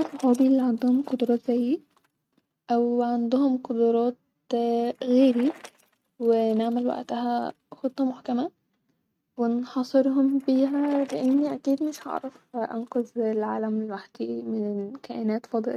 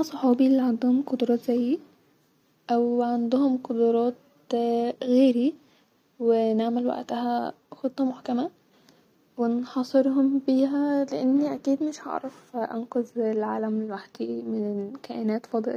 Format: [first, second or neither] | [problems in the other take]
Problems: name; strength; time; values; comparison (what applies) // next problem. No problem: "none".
second | noise reduction (neural mask model RNNoise)